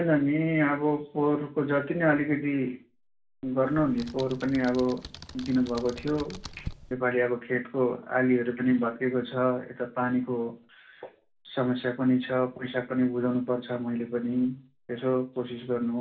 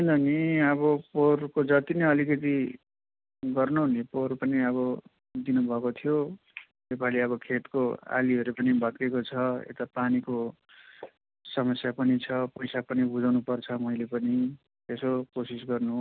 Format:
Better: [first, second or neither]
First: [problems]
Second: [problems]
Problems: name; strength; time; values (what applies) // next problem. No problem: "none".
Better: second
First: background sound (Computer keyboard); 15 dB below the speech // room echo; dies away in 0.3 s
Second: none